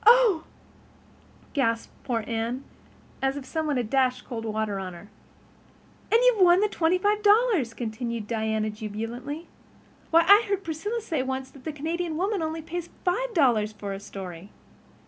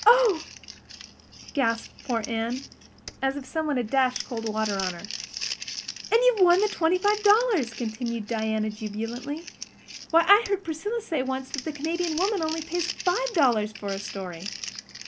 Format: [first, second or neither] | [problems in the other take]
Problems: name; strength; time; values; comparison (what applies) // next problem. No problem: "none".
first | background sound (Crumpling, crinkling); 12 dB below the speech